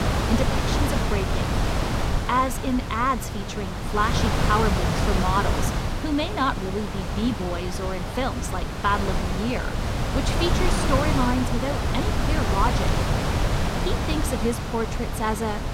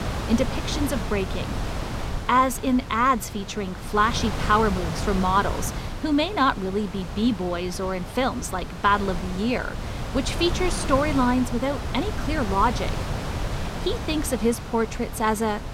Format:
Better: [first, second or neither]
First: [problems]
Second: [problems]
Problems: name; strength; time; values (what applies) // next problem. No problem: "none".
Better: second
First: wind noise on the microphone; heavy; 2 dB below the speech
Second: wind noise on the microphone; occasional gusts; 10 dB below the speech